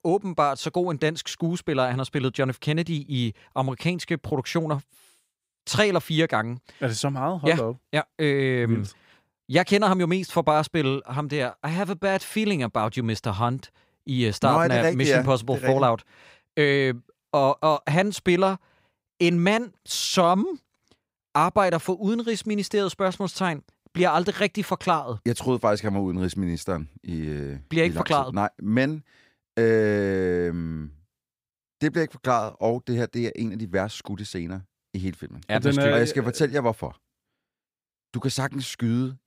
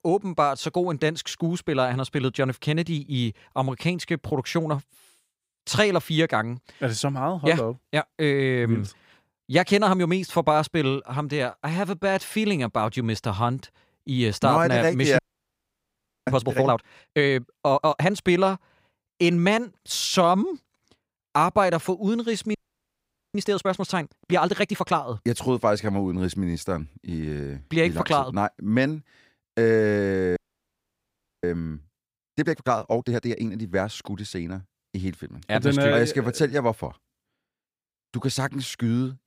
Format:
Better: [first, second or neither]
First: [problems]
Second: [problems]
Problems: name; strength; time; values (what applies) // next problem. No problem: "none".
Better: first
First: none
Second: audio freezing; at 15 s for 1 s, at 23 s for 1 s and at 30 s for 1 s